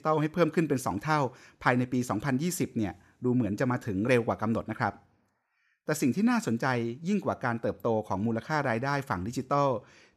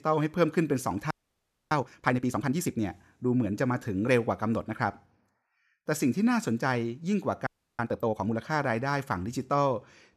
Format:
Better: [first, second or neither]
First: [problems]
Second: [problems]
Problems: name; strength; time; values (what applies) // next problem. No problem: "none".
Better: first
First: none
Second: audio freezing; at 1 s for 0.5 s and at 7.5 s